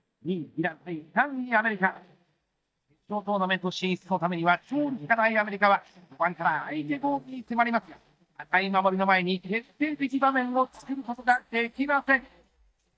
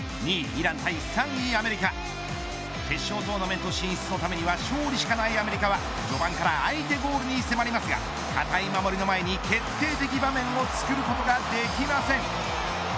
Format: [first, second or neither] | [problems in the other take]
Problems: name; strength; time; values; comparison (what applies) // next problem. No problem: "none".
second | noise reduction (neural mask model DeepFilterNet 3)